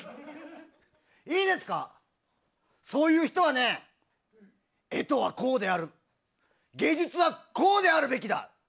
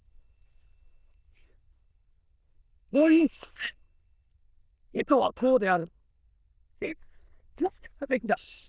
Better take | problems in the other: first | noise reduction (neural diffusion model UNIVERSE++)

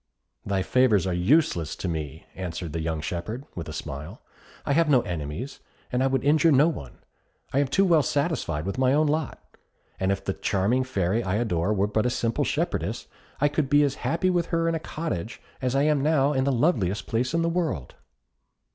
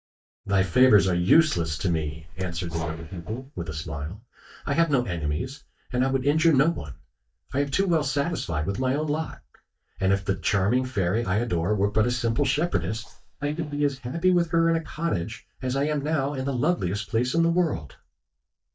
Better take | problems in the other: first | noise reduction (neural mask model DeepFilterNet 3)

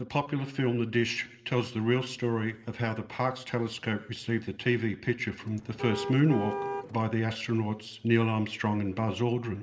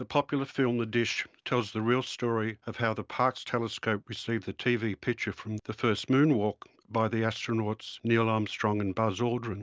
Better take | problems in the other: second | background sound (Car); 7 dB below the speech // room echo; dies away in 1.2 s

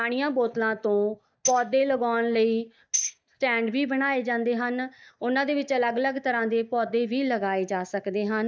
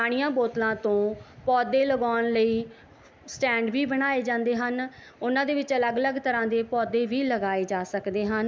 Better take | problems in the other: second | noise reduction (neural mask model DeepFilterNet 3)

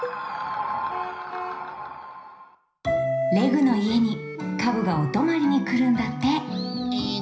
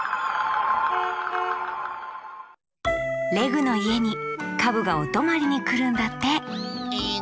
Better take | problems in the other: second | background sound (Cowbell); 17 dB below the speech // room echo; dies away in 0.5 s

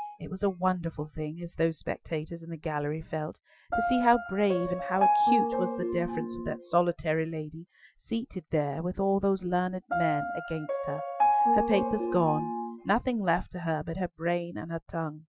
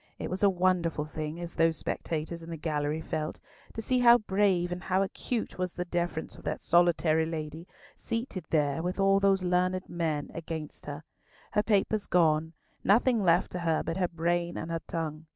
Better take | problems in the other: second | noise reduction (classical method Wiener filter)

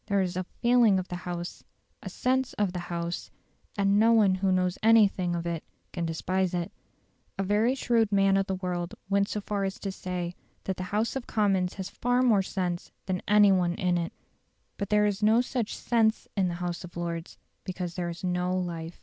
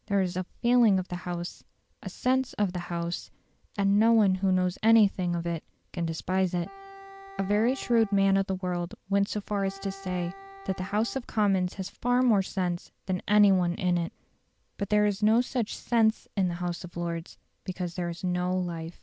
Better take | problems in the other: first | background sound (Wind instrument, woodwind instrument); 19 dB below the speech

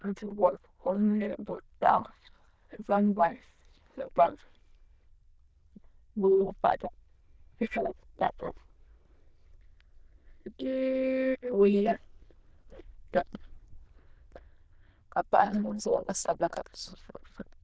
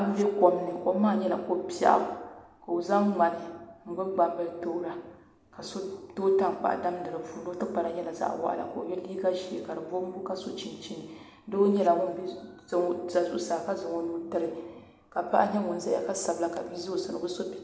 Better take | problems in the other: second | noise reduction (neural diffusion model UNIVERSE++)

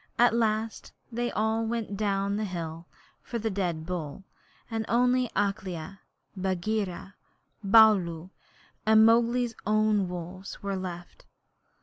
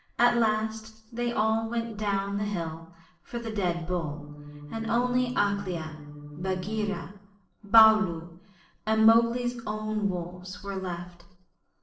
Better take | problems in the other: first | noise reduction (neural separator model SepFormer DNS4)

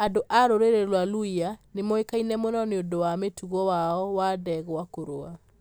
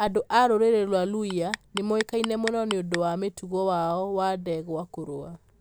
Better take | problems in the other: first | background sound (Clock); 10 dB below the speech

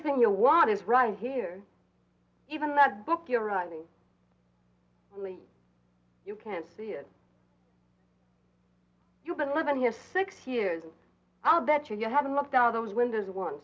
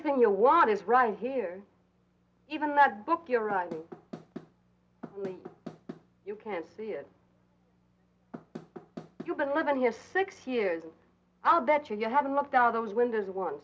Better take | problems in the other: first | background sound (Knock / Wood); 16 dB below the speech

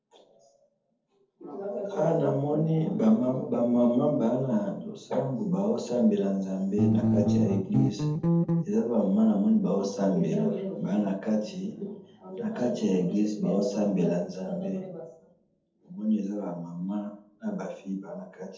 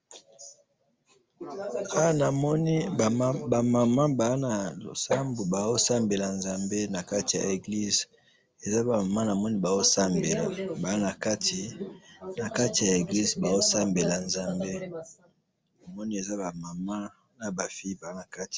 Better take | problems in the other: second | noise reduction (neural separator model SepFormer DNS4)

